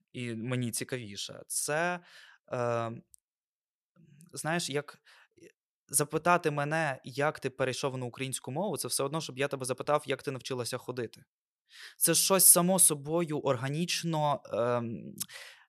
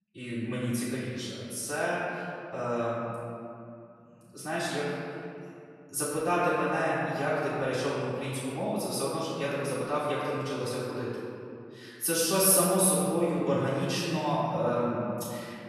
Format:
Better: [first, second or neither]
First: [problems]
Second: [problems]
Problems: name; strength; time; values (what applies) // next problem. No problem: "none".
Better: first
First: none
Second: off-mic speech; far // room echo; strong; dies away in 2.4 s